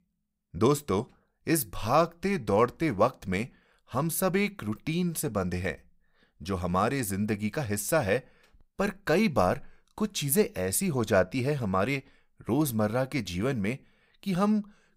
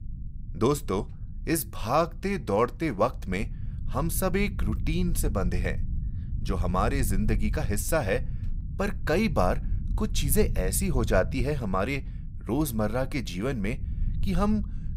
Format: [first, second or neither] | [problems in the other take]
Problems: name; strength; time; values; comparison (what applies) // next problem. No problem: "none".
first | low rumble; faint; throughout; 20 dB below the speech